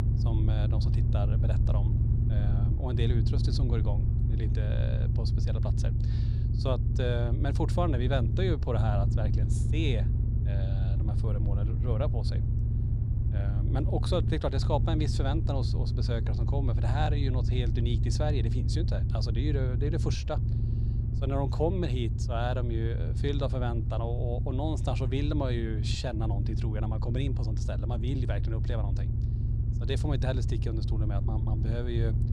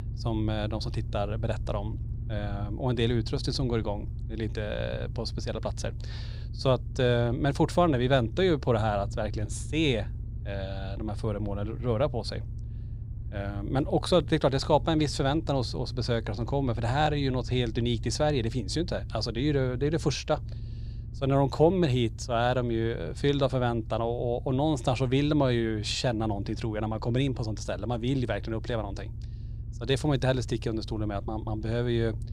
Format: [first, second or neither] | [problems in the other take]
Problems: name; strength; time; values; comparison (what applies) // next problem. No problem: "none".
second | low rumble; loud; throughout; 6 dB below the speech; faint in the second